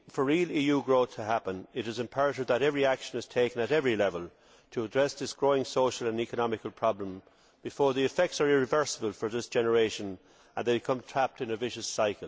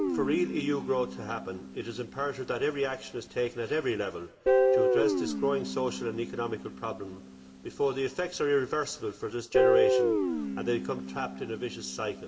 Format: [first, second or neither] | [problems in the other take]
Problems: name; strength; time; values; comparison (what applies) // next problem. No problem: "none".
first | background sound (Guitar); 1 dB above the speech // room echo; dies away in 1.5 s